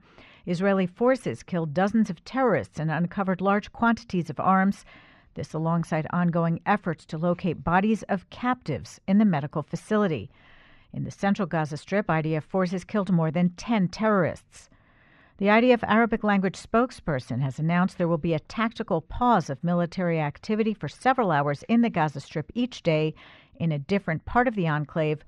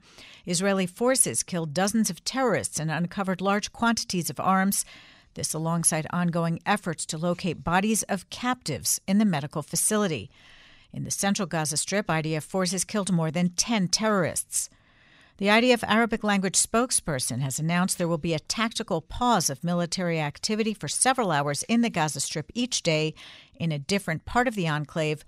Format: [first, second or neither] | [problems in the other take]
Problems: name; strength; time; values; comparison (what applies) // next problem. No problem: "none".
second | muffled; very; fading above 2 kHz